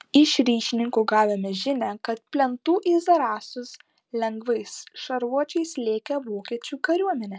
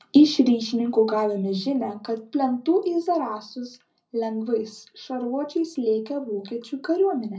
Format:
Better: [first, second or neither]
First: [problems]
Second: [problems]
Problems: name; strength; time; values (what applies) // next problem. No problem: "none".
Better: first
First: none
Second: room echo; dies away in 0.4 s